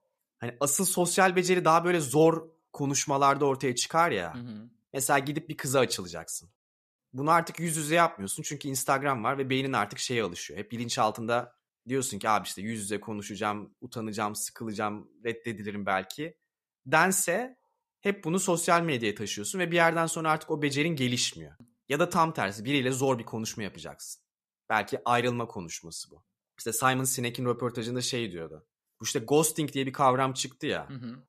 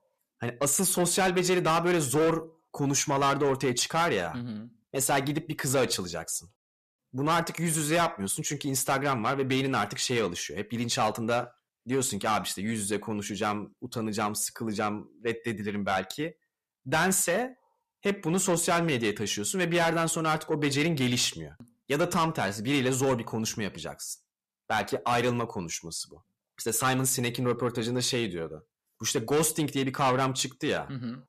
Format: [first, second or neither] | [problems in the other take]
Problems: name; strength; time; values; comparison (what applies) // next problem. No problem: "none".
first | distortion; heavy; 8 dB below the speech